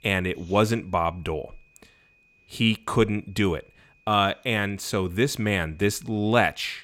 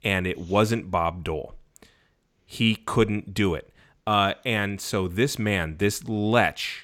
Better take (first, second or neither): second